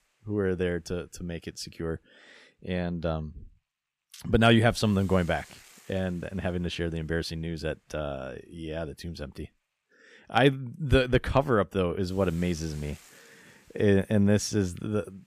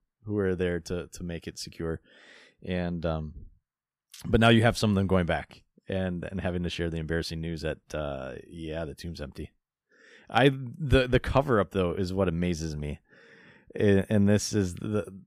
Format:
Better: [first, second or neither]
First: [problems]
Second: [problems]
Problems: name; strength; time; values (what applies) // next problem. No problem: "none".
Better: second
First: hiss; faint; throughout; 25 dB below the speech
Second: none